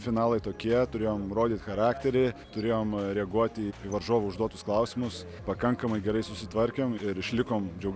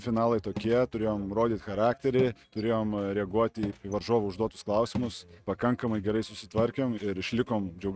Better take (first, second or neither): first